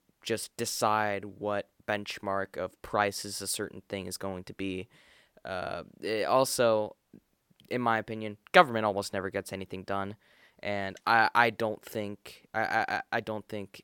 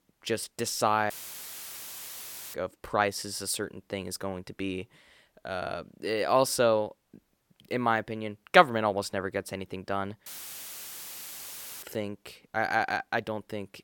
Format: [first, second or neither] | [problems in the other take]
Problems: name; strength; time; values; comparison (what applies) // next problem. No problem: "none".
first | audio cutting out; filled with static; at 1 s for 1.5 s and at 10 s for 1.5 s